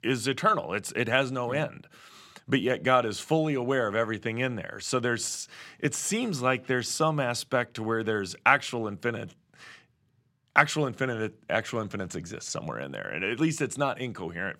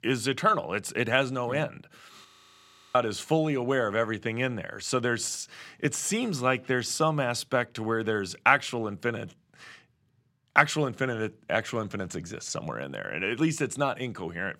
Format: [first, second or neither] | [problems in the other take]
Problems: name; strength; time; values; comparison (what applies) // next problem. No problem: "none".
first | audio freezing; at 2.5 s for 0.5 s